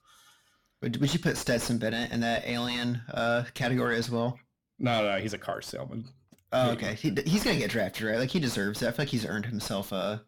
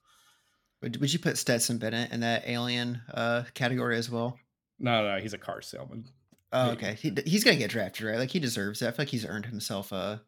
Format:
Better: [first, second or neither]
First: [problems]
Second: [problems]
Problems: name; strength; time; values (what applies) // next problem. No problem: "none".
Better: second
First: distortion; heavy; 6 dB below the speech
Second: none